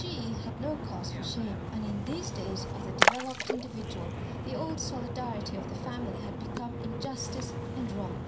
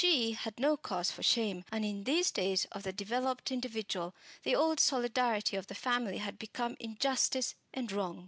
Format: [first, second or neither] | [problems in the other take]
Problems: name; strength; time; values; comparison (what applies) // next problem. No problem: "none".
second | background sound (Splash, splatter); 4 dB above the speech // room echo; dies away in 0.3 s